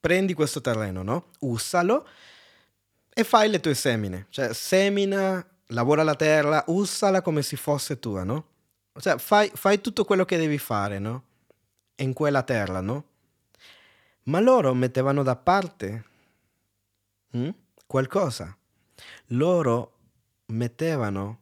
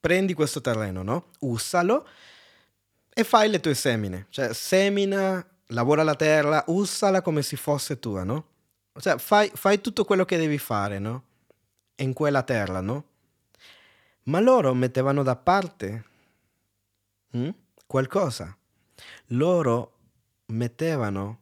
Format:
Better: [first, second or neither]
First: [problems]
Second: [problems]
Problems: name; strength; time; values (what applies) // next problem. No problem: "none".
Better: neither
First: none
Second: none